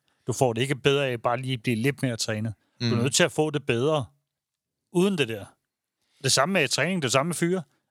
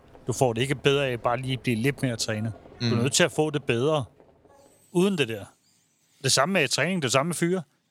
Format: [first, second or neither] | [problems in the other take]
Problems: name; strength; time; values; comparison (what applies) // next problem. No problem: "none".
first | animal sounds; faint; throughout; 25 dB below the speech